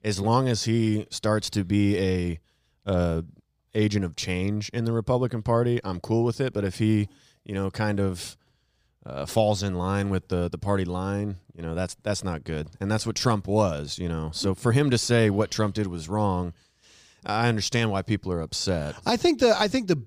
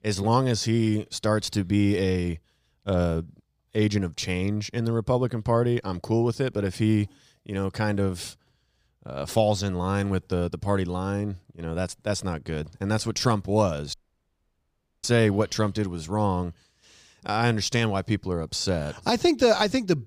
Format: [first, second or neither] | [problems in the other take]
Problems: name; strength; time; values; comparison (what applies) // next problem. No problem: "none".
first | audio cutting out; at 14 s for 1 s